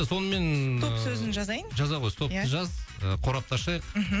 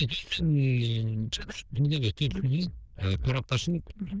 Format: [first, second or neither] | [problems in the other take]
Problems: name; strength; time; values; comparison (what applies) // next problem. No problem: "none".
first | noise reduction (neural diffusion model UNIVERSE++)